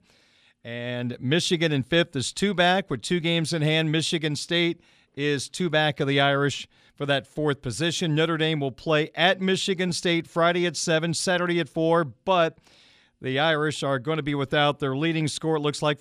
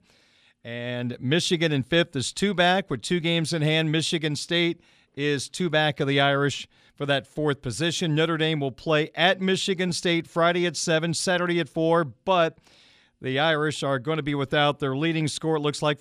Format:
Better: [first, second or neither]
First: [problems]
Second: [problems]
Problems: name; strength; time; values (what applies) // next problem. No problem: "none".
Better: neither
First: none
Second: none